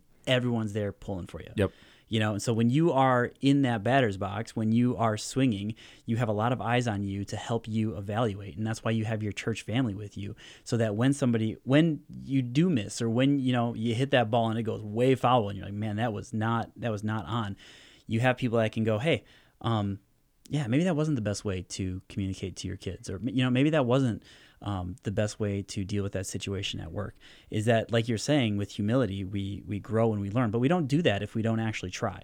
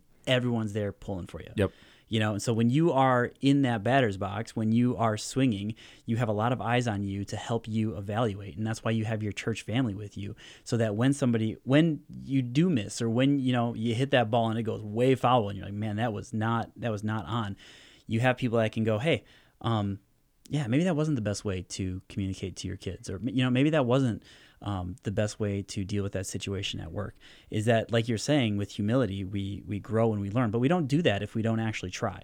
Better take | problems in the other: neither | none

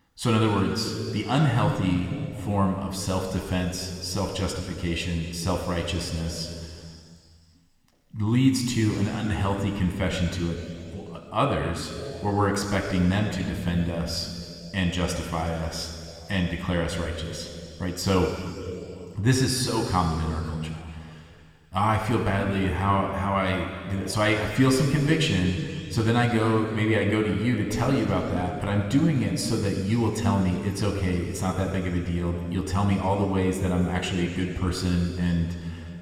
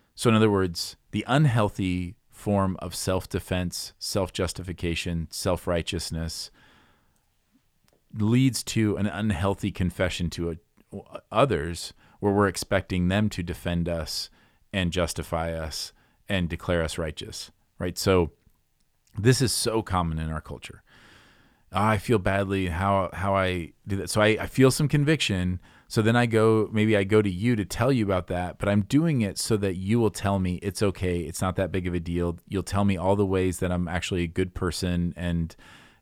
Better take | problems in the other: second | room echo; noticeable; dies away in 2.6 s

